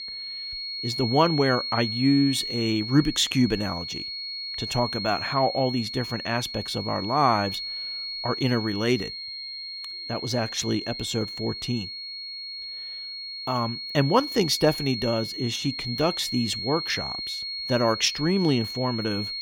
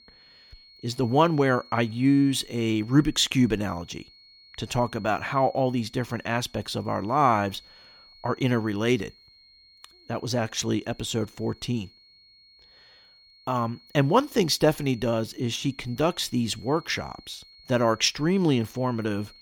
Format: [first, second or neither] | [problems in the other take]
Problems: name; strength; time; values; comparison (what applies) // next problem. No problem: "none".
second | high-pitched whine; loud; throughout; 4.5 kHz, 6 dB below the speech; faint in the second